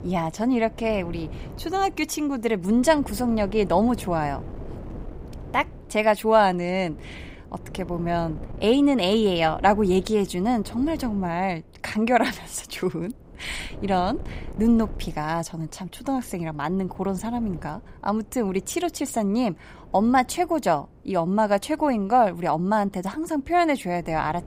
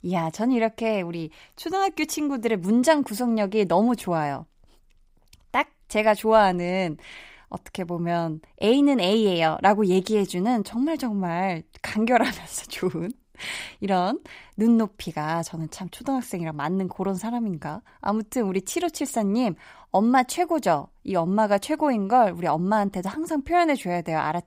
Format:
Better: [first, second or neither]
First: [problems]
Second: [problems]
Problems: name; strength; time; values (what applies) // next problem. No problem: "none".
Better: second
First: wind noise on the microphone; occasional gusts; 25 dB below the speech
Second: none